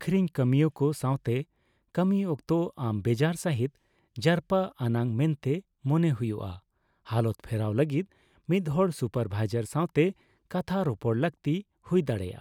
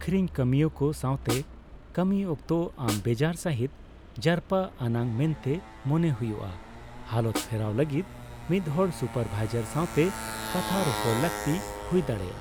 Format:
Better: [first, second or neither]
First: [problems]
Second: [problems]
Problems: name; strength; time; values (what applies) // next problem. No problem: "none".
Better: first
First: none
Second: background sound (Motorcycle + Snare drum); 10 dB below the speech